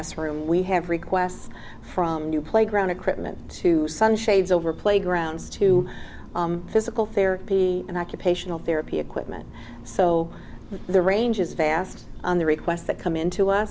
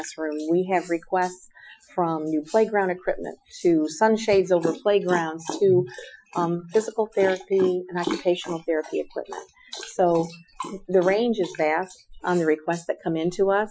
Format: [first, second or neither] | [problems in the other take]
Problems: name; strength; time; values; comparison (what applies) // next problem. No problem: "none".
first | noise reduction (classical method Wiener filter)